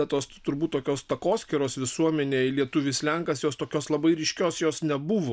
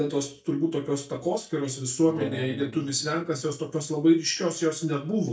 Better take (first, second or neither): first